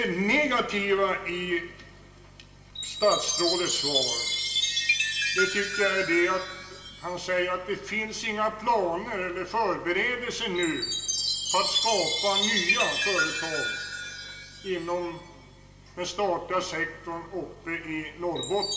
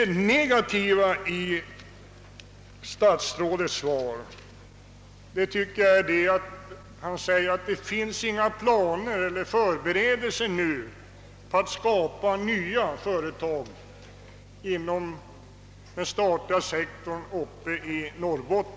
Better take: second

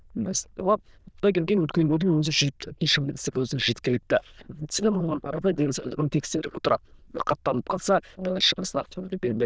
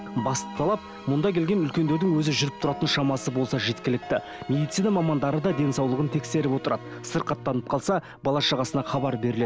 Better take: second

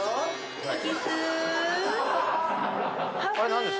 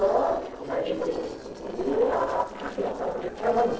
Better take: first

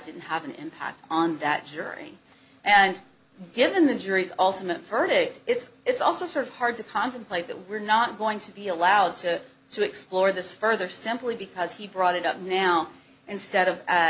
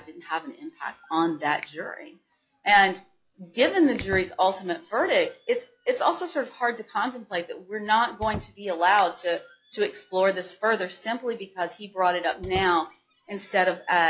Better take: first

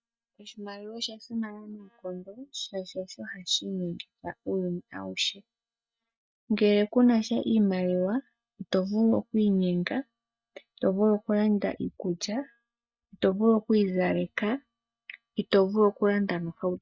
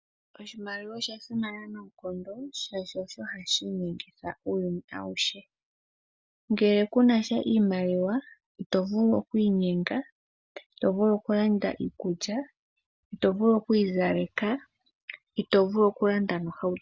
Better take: second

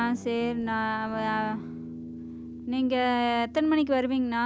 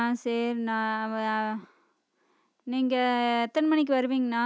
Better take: second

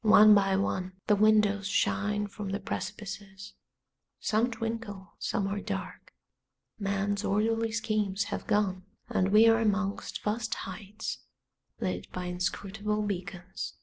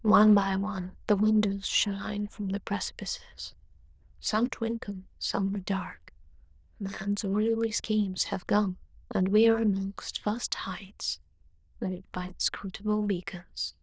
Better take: first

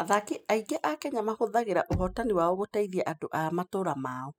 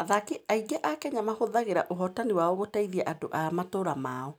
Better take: second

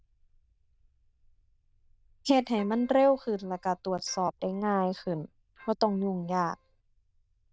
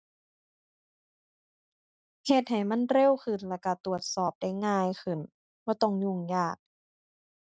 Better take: second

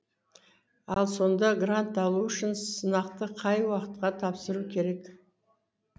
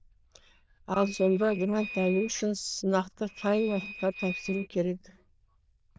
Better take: first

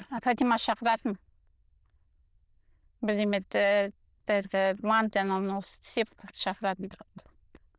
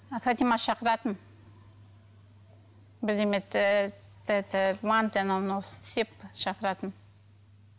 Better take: second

